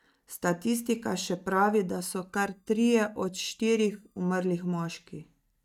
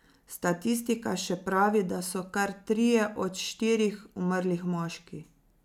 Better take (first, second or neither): second